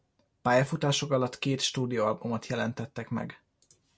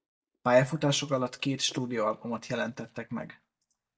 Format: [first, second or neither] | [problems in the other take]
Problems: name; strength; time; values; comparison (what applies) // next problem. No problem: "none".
first | noise reduction (neural mask model DeepFilterNet 3)